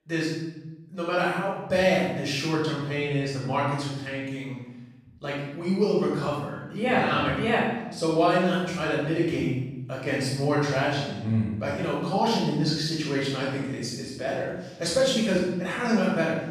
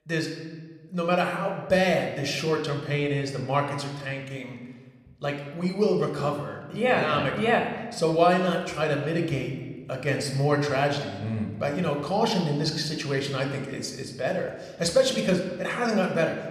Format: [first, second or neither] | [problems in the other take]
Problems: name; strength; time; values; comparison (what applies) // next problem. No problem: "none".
second | room echo; strong; dies away in 0.9 s; slight in the second // off-mic speech; far